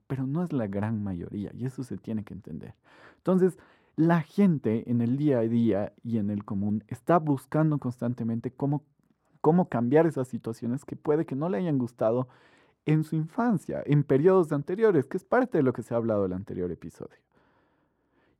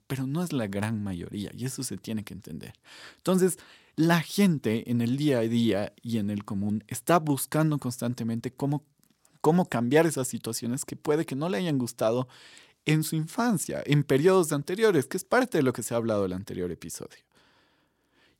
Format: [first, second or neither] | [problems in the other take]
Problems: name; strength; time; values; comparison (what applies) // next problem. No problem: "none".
second | muffled; very; fading above 2.5 kHz